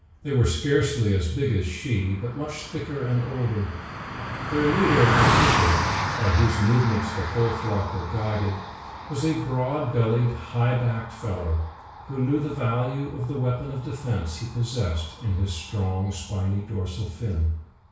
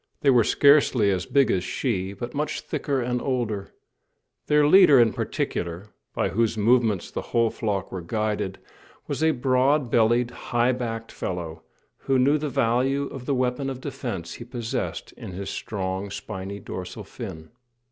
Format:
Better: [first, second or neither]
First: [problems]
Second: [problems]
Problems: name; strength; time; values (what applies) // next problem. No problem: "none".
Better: second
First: background sound (Car passing by); 5 dB below the speech // room echo; dies away in 0.6 s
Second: none